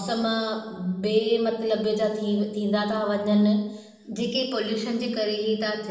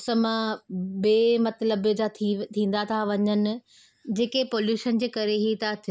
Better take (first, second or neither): second